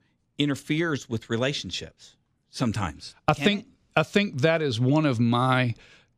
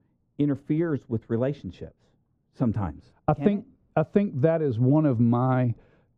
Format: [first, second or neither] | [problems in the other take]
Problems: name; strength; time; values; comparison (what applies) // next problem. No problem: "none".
first | muffled; very; fading above 2 kHz